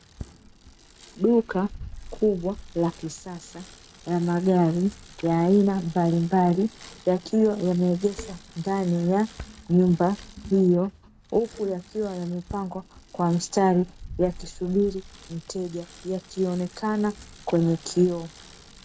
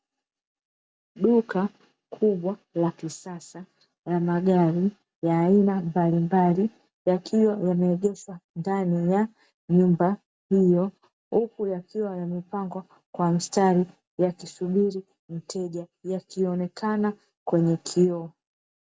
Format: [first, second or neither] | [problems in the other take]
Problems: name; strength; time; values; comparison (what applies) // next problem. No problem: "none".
second | background sound (Bicycle); 19 dB below the speech